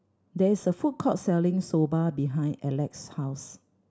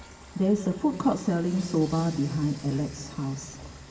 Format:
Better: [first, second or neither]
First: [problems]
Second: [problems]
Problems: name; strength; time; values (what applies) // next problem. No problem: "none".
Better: first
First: none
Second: background sound (Frying (food) / Dishes, pots, and pans); 18 dB below the speech // room echo; dies away in 2.7 s